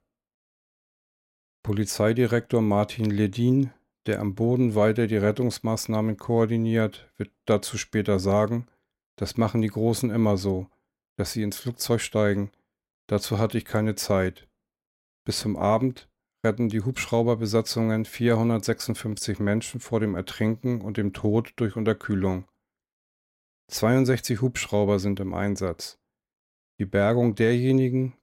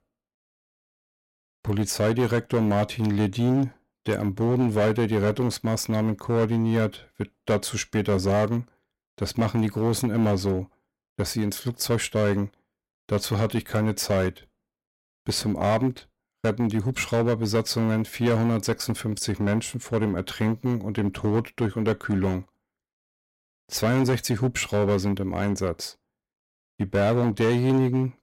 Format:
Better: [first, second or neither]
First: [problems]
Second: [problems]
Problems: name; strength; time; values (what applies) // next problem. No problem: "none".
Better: first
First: none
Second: distortion; slight; 8% of the sound clipped